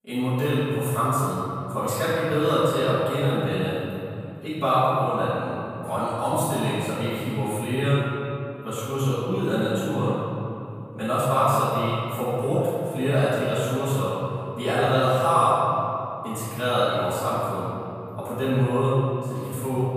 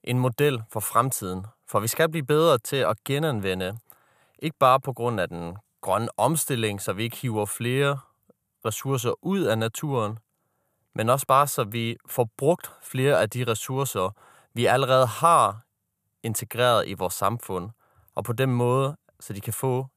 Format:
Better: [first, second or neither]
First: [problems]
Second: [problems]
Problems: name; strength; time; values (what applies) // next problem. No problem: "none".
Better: second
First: off-mic speech; far // room echo; strong; dies away in 2.8 s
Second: none